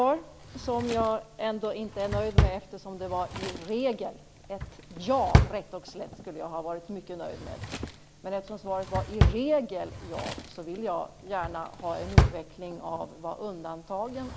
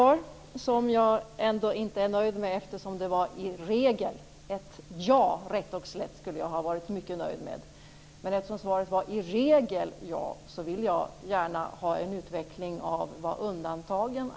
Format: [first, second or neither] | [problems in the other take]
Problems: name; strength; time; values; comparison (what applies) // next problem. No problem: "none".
second | background sound (Drawer open or close); 1 dB above the speech